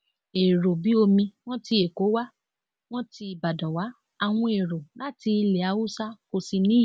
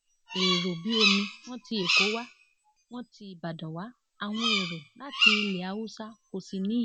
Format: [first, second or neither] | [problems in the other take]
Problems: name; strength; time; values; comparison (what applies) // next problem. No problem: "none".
first | background sound (Bird vocalization, bird call, bird song); 2 dB above the speech